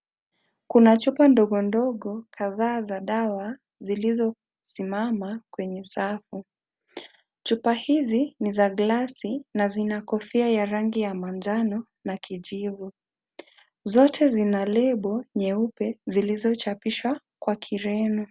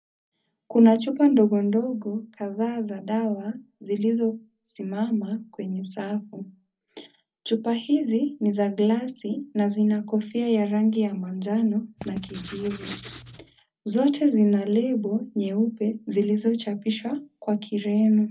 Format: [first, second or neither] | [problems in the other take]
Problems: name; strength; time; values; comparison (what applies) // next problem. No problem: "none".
first | background sound (Writing); 16 dB below the speech // room echo; dies away in 0.4 s